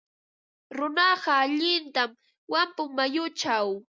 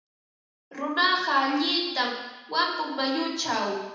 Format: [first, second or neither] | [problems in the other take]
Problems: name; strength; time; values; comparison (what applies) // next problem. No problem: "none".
first | room echo; dies away in 1 s